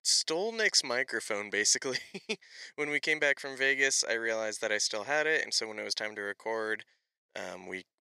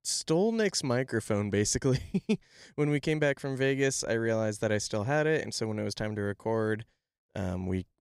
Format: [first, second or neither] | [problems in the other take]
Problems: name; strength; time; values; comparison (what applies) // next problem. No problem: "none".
second | thin; very; fading below 500 Hz